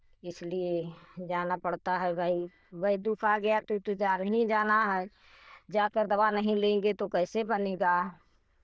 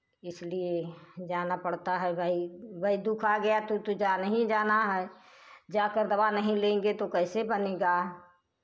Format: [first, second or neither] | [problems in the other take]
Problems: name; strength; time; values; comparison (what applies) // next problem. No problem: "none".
second | noise reduction (neural diffusion model UNIVERSE++)